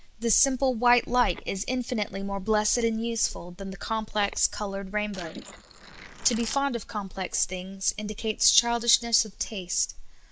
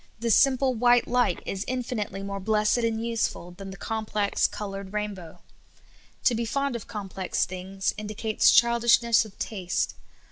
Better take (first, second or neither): second